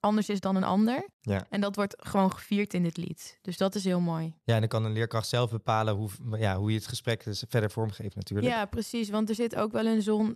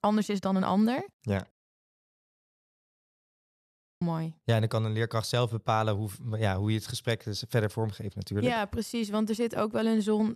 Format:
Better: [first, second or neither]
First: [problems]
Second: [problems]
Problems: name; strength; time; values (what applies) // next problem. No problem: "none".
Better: first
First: none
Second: audio cutting out; at 1.5 s for 2.5 s